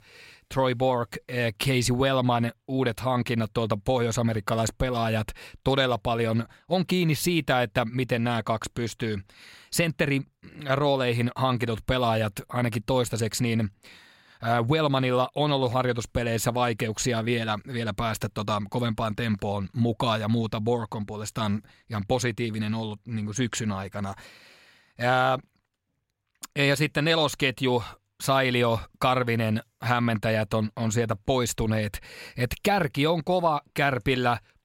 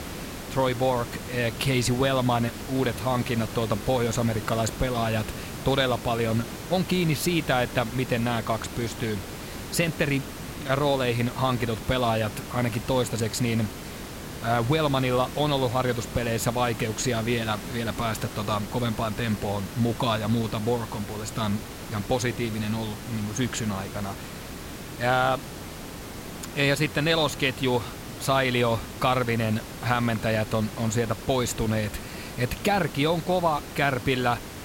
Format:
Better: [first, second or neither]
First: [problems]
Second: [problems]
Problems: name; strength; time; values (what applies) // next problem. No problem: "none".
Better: first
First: none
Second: hiss; noticeable; throughout; 10 dB below the speech